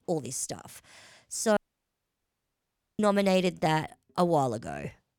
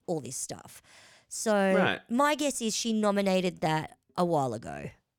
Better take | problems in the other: second | audio cutting out; at 1.5 s for 1.5 s

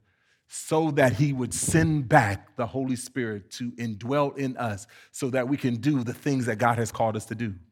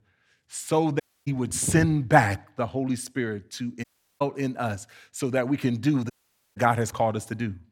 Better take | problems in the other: first | audio cutting out; at 1 s, at 4 s and at 6 s

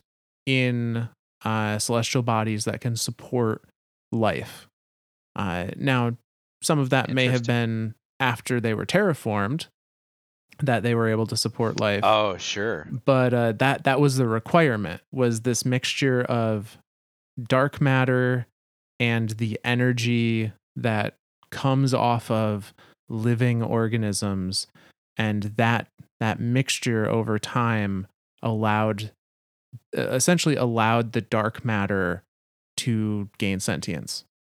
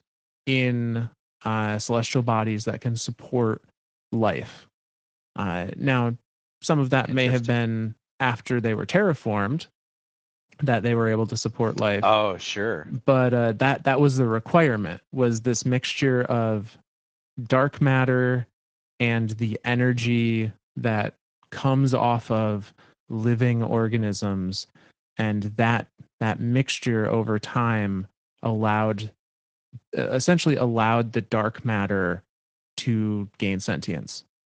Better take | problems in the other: first | garbled, watery; slightly

